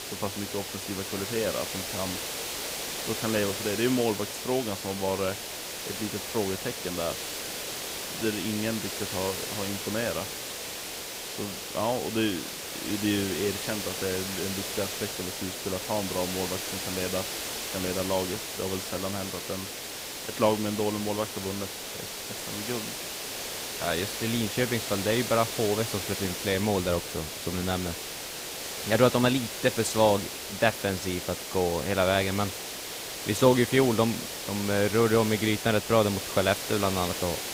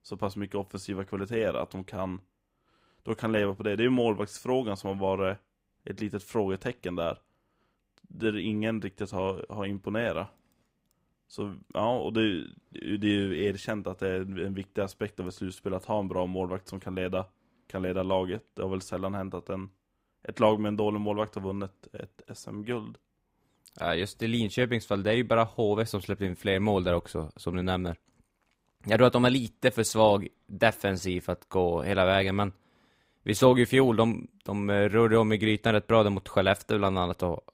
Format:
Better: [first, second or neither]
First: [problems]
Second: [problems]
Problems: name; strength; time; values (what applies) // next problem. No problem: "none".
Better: second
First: hiss; loud; throughout; 4 dB below the speech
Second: none